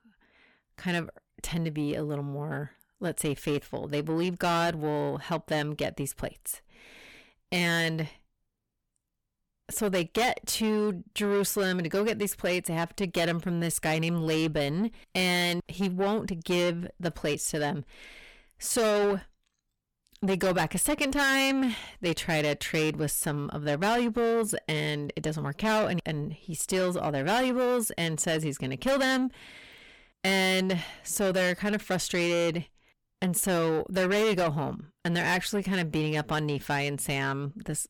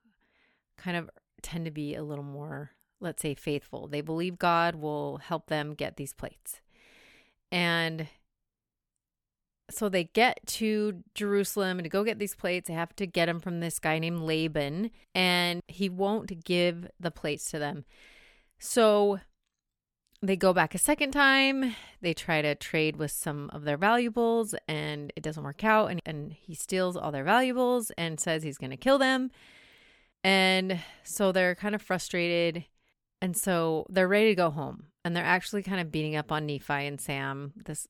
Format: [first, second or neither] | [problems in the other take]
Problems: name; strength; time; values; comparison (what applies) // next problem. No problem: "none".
second | distortion; heavy; 7 dB below the speech